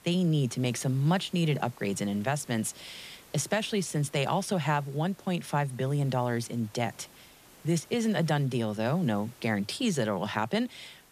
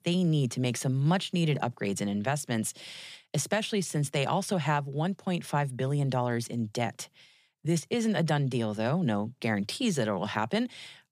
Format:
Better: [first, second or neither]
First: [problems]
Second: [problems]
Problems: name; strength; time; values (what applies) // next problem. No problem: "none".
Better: second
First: hiss; faint; throughout; 25 dB below the speech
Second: none